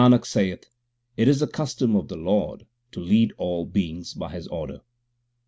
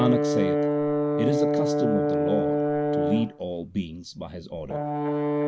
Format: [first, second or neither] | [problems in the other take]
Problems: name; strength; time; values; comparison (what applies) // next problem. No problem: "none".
first | background sound (Brass instrument); 4 dB above the speech